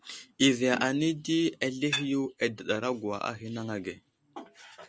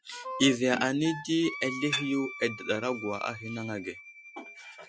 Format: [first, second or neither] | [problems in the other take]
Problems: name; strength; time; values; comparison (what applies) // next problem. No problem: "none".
first | noise reduction (classical method Wiener filter)